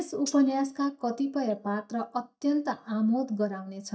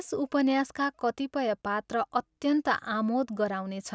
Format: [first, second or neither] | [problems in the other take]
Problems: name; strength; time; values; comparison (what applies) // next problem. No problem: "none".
second | noise reduction (neural mask model DeepFilterNet 3)